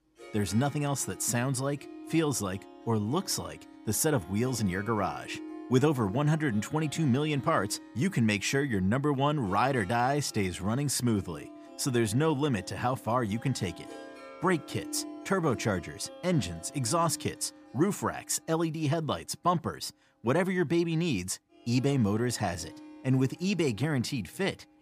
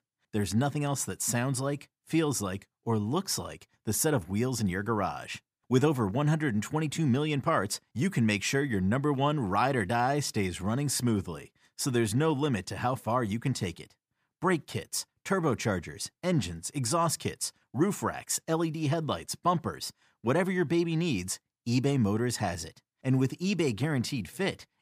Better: second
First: background music; noticeable; throughout; 20 dB below the speech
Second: none

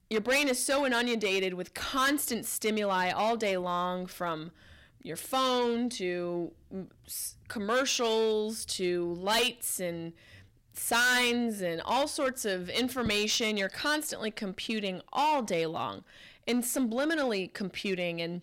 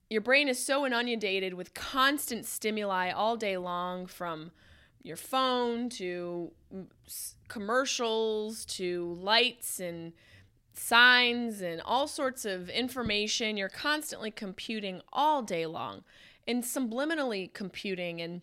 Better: second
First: distortion; heavy; 6% of the sound clipped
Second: none

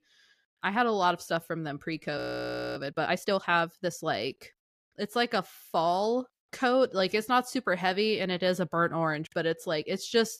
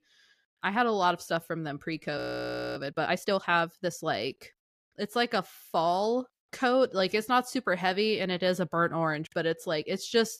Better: neither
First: audio freezing; at 2 s for 0.5 s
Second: audio freezing; at 2 s for 0.5 s

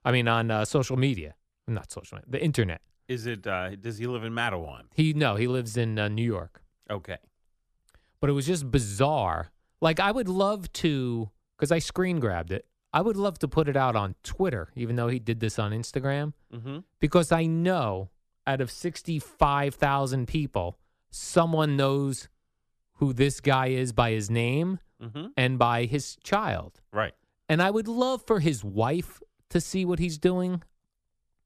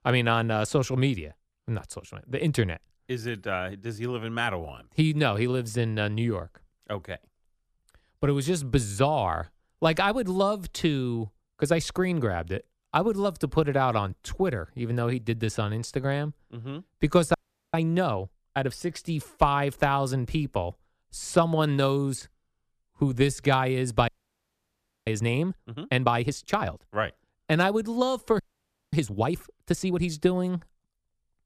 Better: first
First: none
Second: audio freezing; at 17 s, at 24 s for 1 s and at 28 s for 0.5 s

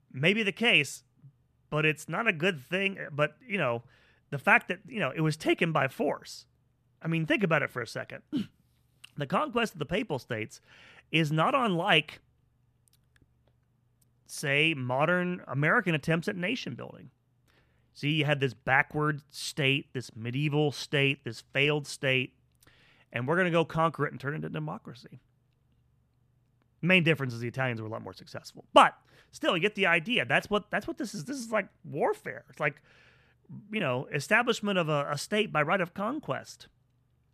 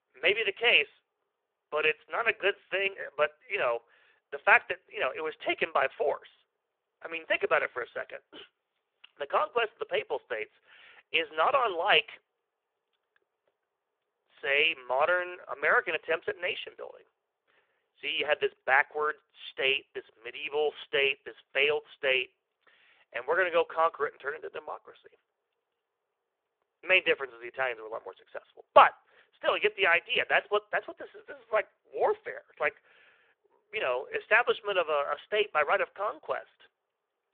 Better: first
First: none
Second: phone-call audio

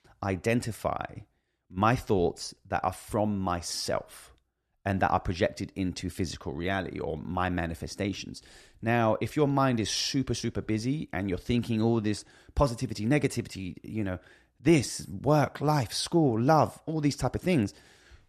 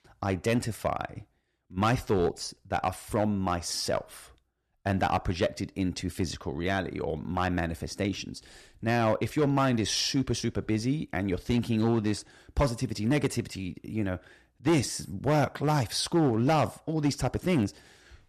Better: first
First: none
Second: distortion; slight; 4% of the sound clipped

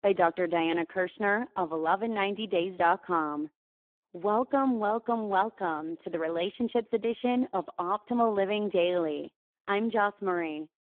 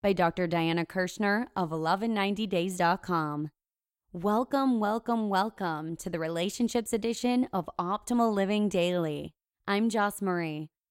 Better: second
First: phone-call audio; poor line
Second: none

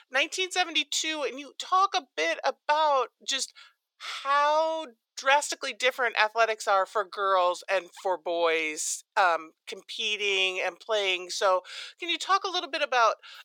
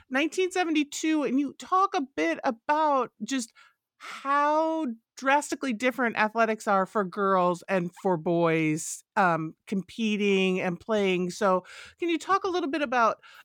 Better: second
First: thin; very; fading below 500 Hz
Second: none

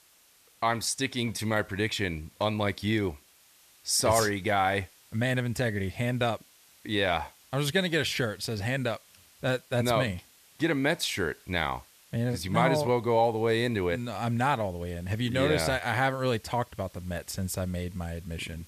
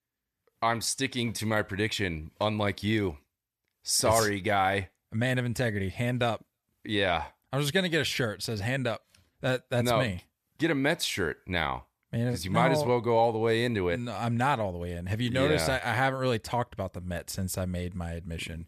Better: second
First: hiss; faint; throughout; 25 dB below the speech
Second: none

